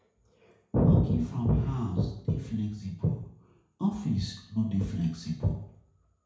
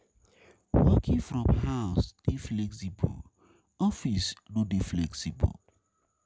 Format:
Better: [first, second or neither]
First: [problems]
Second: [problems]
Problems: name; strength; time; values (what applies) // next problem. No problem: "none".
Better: second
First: room echo; dies away in 0.6 s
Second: none